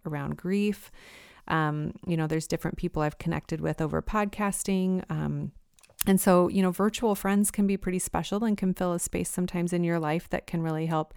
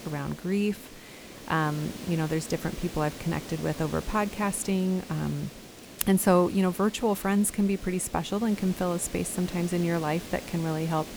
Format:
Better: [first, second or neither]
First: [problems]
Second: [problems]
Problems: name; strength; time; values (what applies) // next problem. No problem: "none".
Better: first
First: none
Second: hiss; noticeable; throughout; 15 dB below the speech